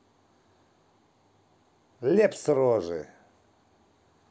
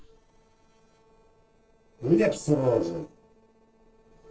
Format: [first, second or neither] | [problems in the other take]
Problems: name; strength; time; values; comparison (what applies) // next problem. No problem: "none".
first | noise reduction (neural separator model SepFormer DNS4)